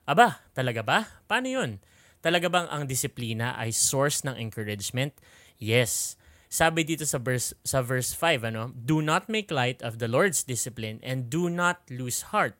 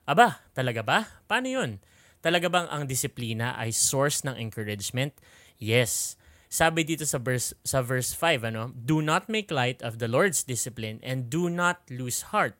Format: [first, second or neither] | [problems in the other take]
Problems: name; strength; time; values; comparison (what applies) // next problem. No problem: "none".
neither | none